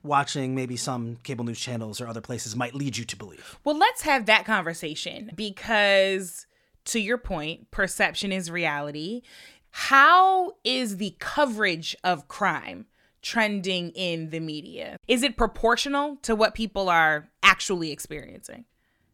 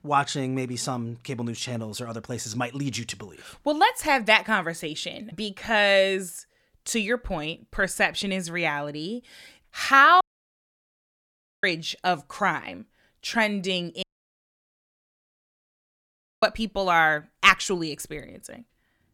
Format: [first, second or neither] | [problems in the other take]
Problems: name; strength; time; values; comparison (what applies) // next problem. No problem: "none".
first | audio cutting out; at 10 s for 1.5 s and at 14 s for 2.5 s